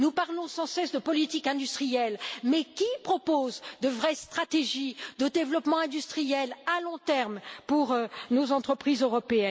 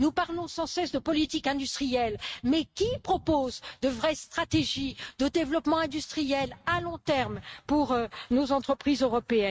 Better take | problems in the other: first | noise reduction (neural mask model RNNoise)

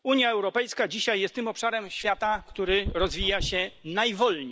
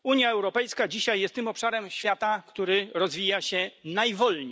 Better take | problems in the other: second | background sound (Dog); 12 dB below the speech

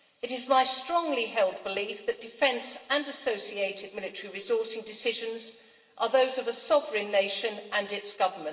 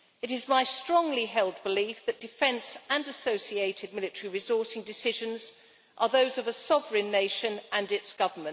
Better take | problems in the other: second | room echo; dies away in 1.5 s

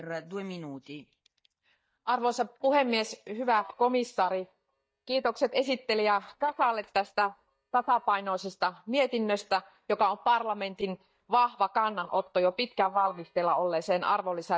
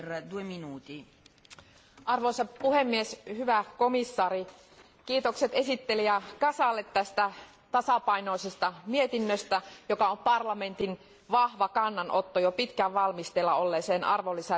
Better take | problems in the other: second | noise reduction (neural mask model DeepFilterNet 3)

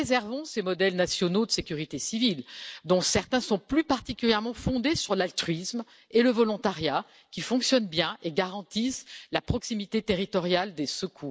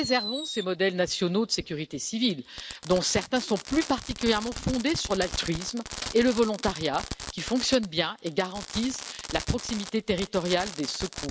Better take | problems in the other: first | background sound (Fireworks); 11 dB below the speech

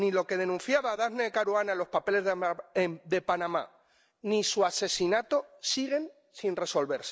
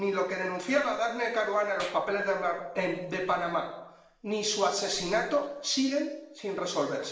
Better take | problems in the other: first | noise reduction (neural separator model SepFormer DNS4)

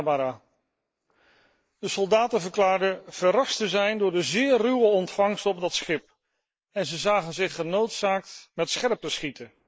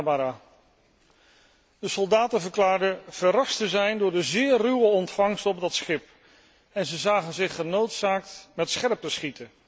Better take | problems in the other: second | noise reduction (neural mask model Resemble Enhance denoiser)

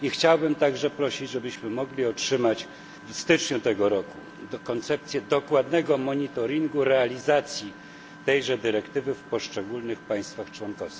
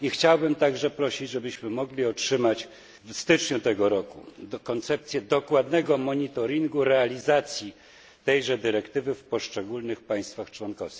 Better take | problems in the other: second | background sound (Engine); 19 dB below the speech

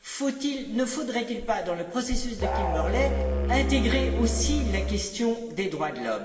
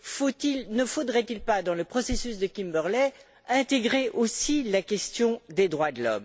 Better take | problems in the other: second | background sound (Musical instrument); 1 dB above the speech // room echo; dies away in 2.2 s

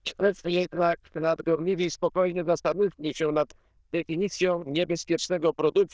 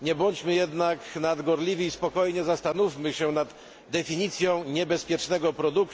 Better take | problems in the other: second | noise reduction (neural diffusion model UNIVERSE++)

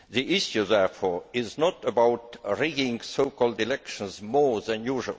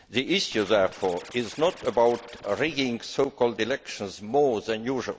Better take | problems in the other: first | background sound (Scratching (performance technique)); 19 dB below the speech

